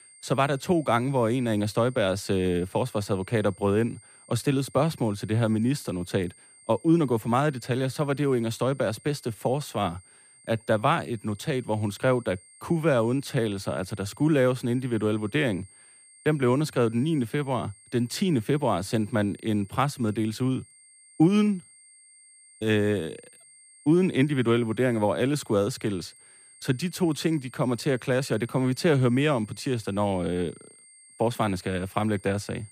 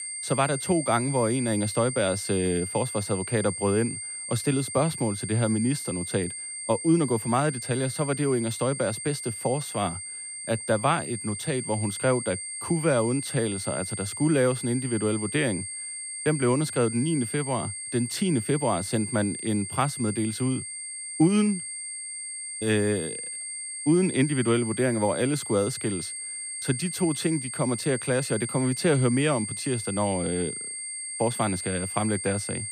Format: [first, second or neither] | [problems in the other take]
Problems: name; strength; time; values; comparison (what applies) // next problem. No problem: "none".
first | high-pitched whine; loud; throughout; 8.5 kHz, 6 dB below the speech; faint in the first